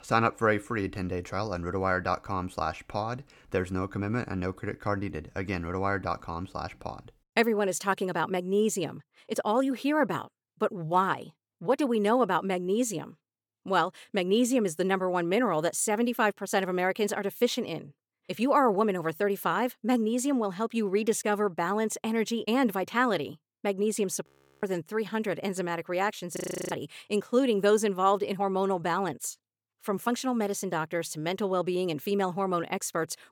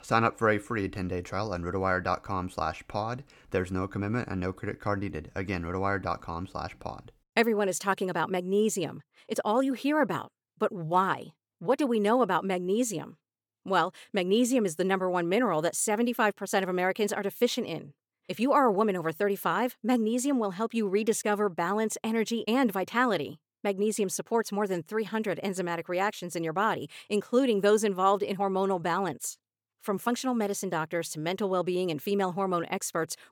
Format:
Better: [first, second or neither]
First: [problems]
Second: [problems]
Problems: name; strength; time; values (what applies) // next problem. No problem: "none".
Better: second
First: audio freezing; at 24 s and at 26 s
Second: none